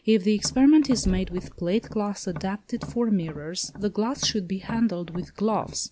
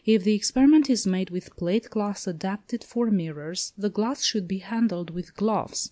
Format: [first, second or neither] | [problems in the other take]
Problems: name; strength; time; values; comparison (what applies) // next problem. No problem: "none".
second | background sound (Knock + Tap); 14 dB below the speech